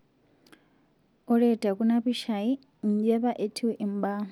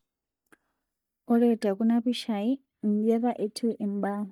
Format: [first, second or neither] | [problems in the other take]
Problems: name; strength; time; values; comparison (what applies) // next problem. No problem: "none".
first | noise reduction (neural mask model DeepFilterNet 3)